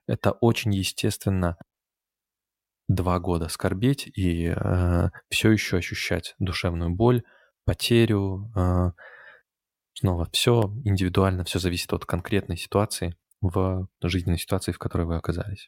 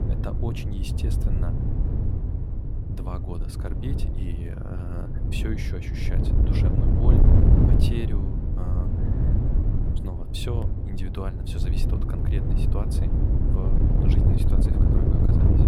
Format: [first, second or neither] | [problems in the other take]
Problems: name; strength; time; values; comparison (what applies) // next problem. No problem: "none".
first | wind noise on the microphone; heavy; 3 dB above the speech